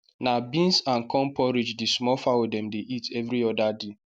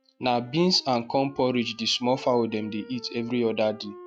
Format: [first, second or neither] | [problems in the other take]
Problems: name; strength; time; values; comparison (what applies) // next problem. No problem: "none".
first | noise reduction (classical method log-MMSE)